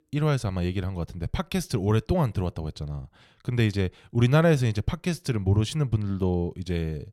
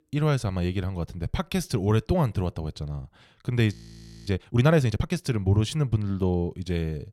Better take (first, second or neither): first